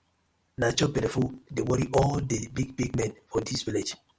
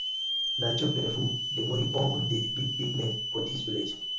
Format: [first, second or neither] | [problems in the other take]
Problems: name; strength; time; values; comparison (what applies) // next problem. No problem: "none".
first | background sound (Hiss / Alarm); 1 dB below the speech // room echo; dies away in 1 s